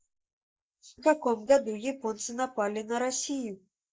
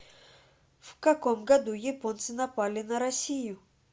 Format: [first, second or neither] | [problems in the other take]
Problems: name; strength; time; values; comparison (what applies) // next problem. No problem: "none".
second | noise reduction (neural mask model Resemble Enhance denoiser)